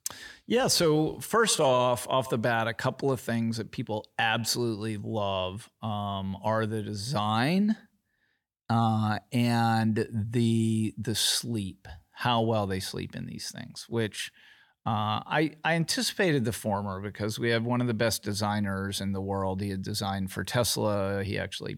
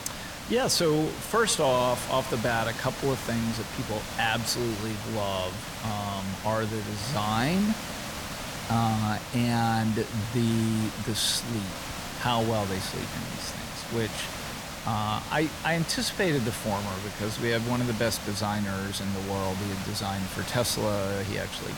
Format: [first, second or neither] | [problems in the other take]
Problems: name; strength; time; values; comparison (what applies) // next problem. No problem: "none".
first | hiss; loud; throughout; 7 dB below the speech